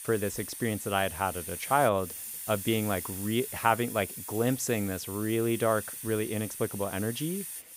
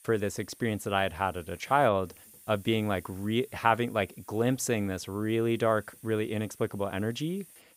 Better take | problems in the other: second | hiss; loud; throughout; 8 dB below the speech; faint in the second

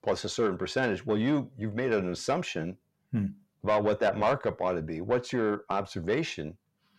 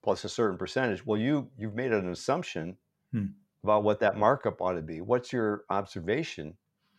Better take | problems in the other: second | distortion; slight; 10 dB below the speech

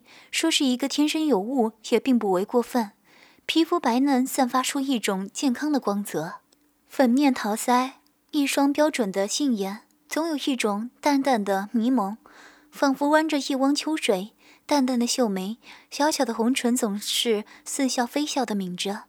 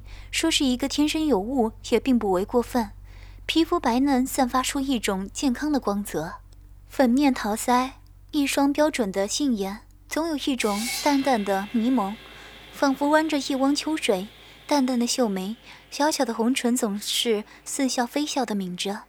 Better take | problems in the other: first | machinery noise; noticeable; throughout; 15 dB below the speech

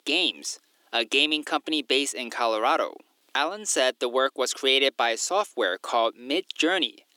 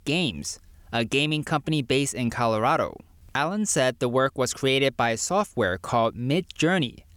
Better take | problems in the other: second | thin; somewhat; fading below 300 Hz

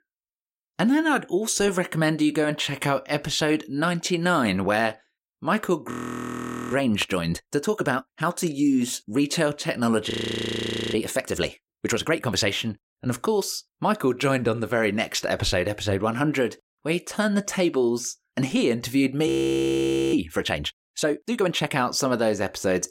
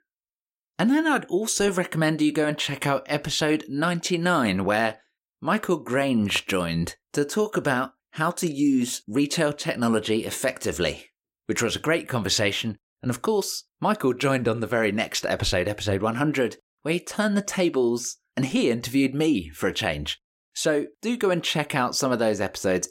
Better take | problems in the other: second | audio freezing; at 6 s for 1 s, at 10 s for 1 s and at 19 s for 1 s

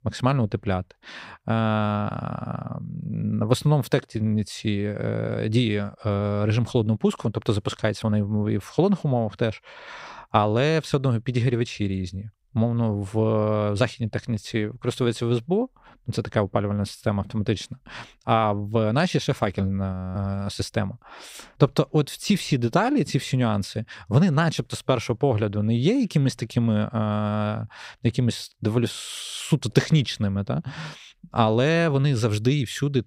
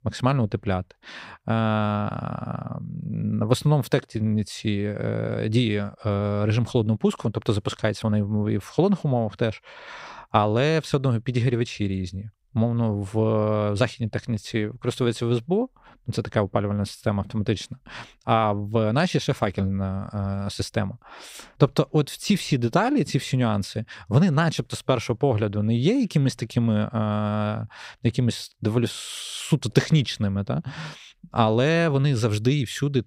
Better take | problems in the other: second | audio freezing; at 20 s

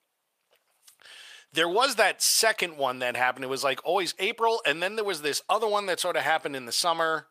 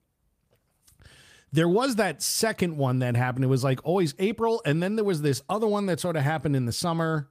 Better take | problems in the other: second | thin; very; fading below 700 Hz

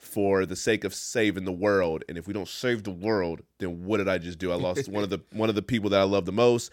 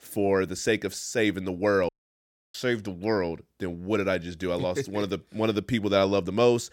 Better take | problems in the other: first | audio cutting out; at 2 s for 0.5 s

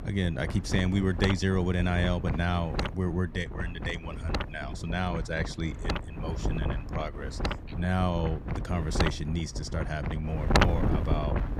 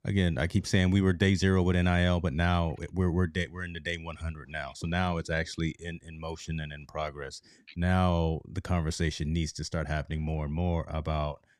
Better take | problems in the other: second | wind noise on the microphone; heavy; 2 dB below the speech

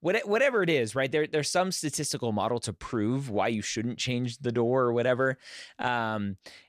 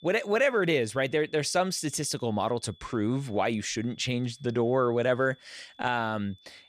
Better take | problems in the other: first | high-pitched whine; faint; throughout; 3.5 kHz, 30 dB below the speech

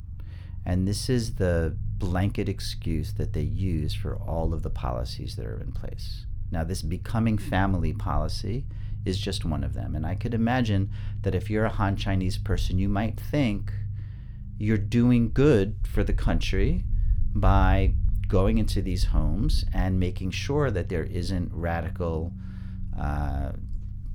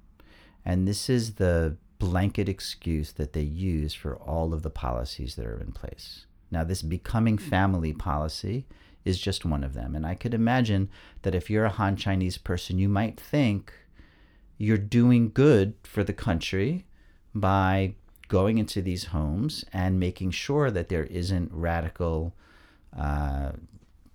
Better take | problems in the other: second | low rumble; noticeable; throughout; 20 dB below the speech

